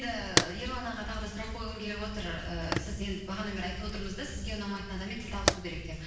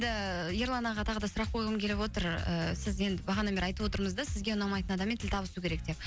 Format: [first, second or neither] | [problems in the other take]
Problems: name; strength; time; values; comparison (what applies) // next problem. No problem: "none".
second | background sound (Fire); 1 dB below the speech // room echo; dies away in 0.9 s